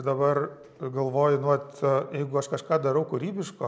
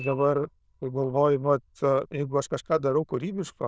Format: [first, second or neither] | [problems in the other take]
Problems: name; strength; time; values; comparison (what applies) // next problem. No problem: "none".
first | noise reduction (neural diffusion model UNIVERSE++)